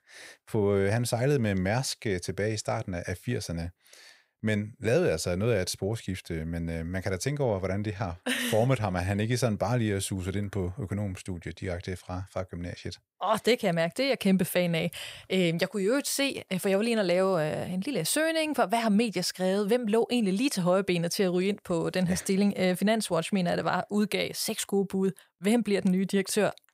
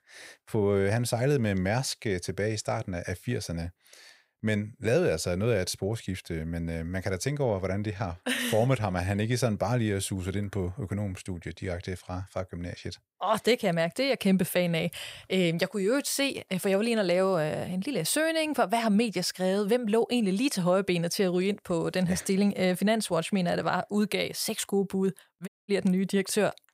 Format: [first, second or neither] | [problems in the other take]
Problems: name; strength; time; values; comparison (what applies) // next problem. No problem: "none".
first | audio cutting out; at 25 s